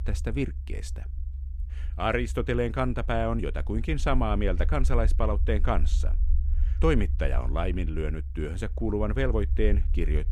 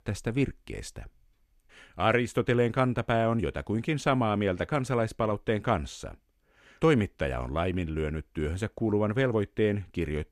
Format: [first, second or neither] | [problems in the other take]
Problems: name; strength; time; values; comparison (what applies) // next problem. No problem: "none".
second | low rumble; faint; throughout; 20 dB below the speech